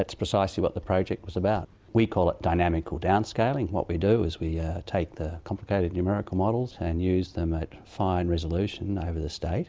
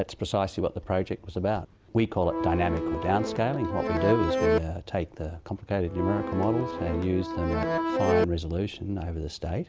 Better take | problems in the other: first | background sound (Accordion); as loud as the speech

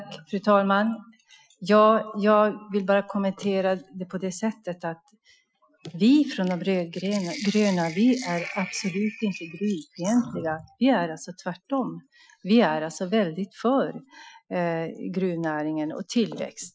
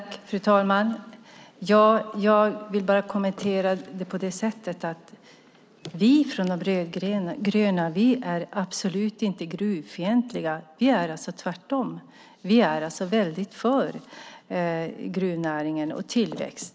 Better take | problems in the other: second | noise reduction (classical method Wiener filter)

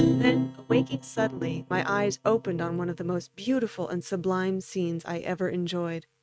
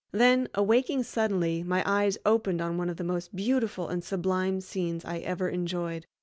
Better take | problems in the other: second | noise reduction (neural mask model RNNoise)

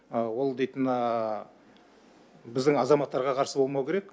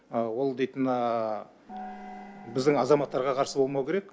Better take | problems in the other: first | background sound (Gong); 16 dB below the speech

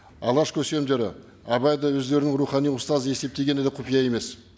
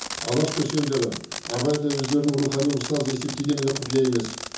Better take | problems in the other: first | background sound (Fireworks); 9 dB below the speech // room echo; dies away in 0.6 s

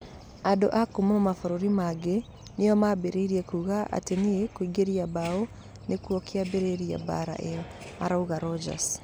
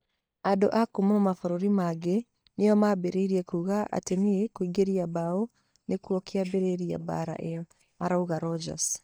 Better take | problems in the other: first | noise reduction (neural mask model DeepFilterNet 3)

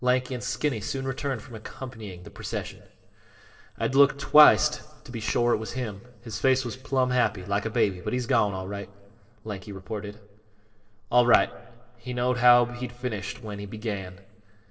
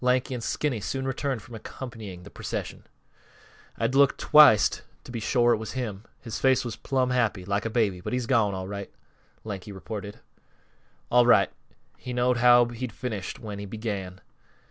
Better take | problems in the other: second | noise reduction (neural separator model SepFormer DNS4)

